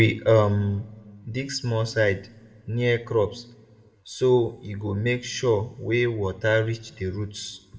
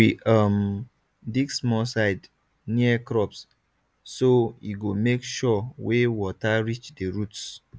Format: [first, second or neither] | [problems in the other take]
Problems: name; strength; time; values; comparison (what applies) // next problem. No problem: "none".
second | room echo; dies away in 0.5 s